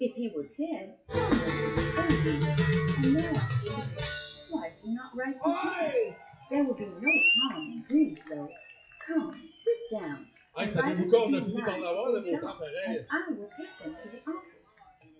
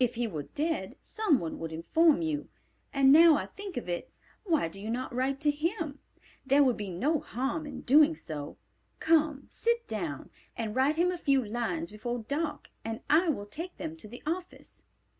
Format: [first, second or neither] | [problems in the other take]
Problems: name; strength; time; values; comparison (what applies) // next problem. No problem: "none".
second | noise reduction (classical method WPE with log-MMSE)